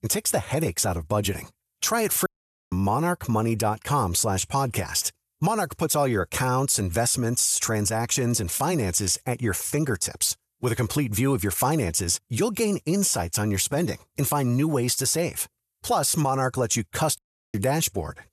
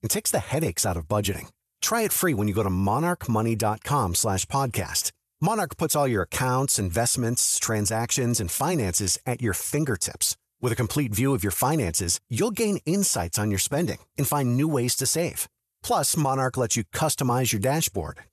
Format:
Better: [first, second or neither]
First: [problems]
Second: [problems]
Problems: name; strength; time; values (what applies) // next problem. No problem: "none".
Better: second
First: audio cutting out; at 2.5 s and at 17 s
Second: none